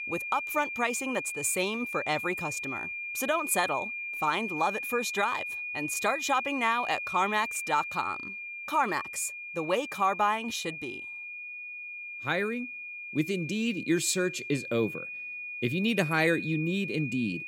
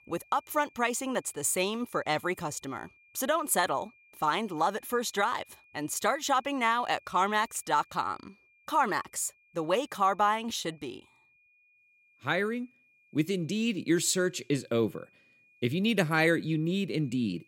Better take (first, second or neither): second